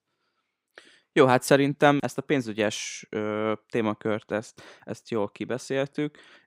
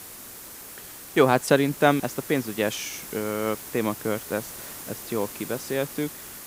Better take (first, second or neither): first